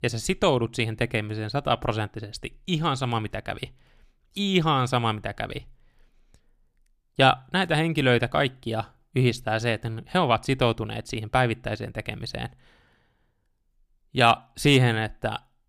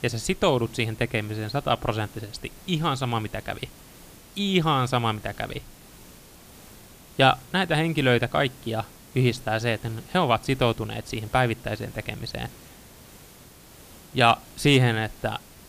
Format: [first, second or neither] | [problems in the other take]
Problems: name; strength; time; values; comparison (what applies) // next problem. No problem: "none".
first | hiss; faint; throughout; 20 dB below the speech